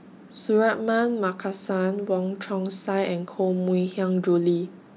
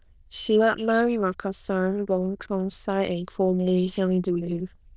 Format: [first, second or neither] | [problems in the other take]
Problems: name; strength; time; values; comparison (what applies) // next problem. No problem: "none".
first | noise reduction (neural diffusion model UNIVERSE++)